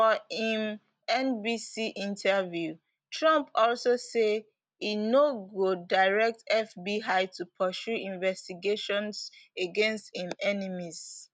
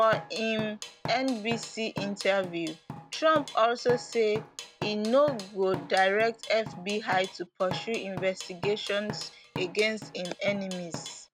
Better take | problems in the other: first | background sound (Drum kit); 12 dB below the speech

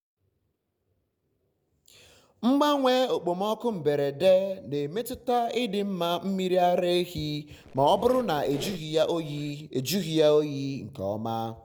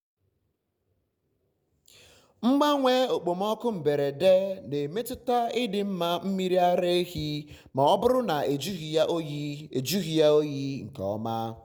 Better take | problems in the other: second | background sound (Squeak); 17 dB below the speech

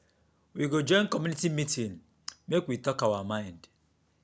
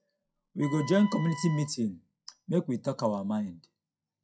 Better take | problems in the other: first | noise reduction (classical method WPE with log-MMSE)

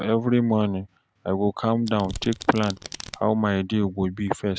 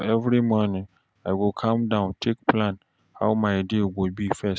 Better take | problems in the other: second | background sound (Domestic sounds, home sounds); 15 dB below the speech

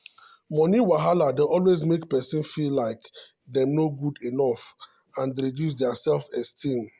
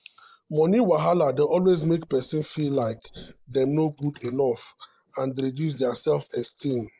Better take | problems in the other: first | noise reduction (neural mask model Resemble Enhance denoiser)

